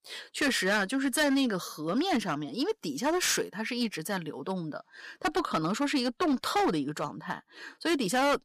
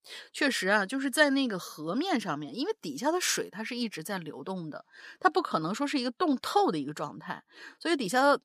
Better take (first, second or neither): second